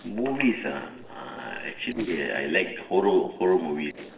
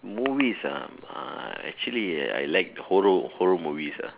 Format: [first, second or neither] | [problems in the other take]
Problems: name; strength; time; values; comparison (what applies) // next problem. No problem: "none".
second | noise reduction (neural separator model SepFormer DNS4)